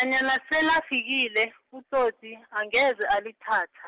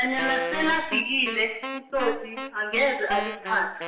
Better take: first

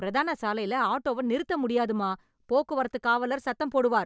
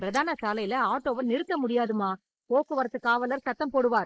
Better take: first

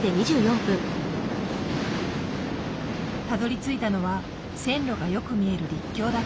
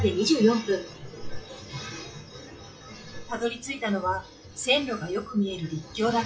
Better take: first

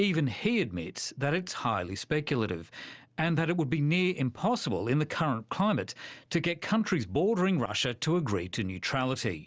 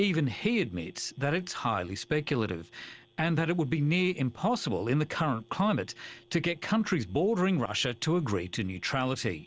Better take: first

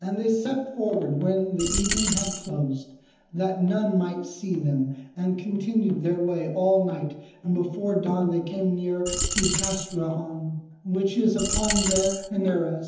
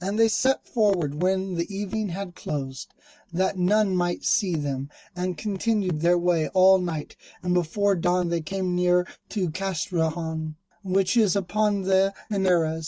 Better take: second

